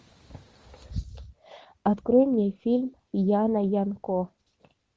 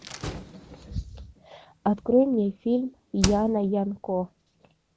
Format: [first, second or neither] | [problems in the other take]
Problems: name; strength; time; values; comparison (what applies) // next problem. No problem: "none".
first | background sound (Slam); 11 dB below the speech